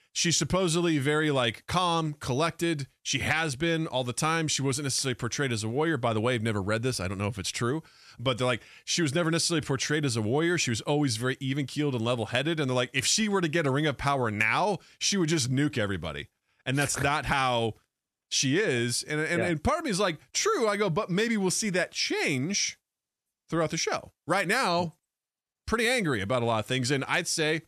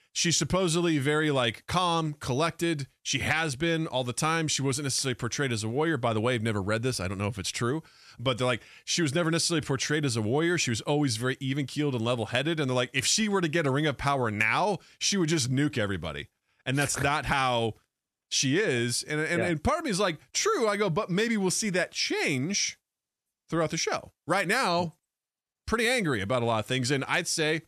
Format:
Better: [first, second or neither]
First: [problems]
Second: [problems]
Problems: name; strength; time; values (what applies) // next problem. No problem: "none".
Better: neither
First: none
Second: none